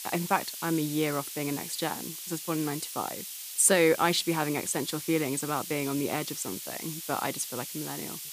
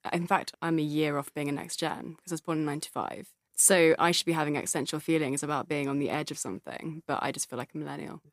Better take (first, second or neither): second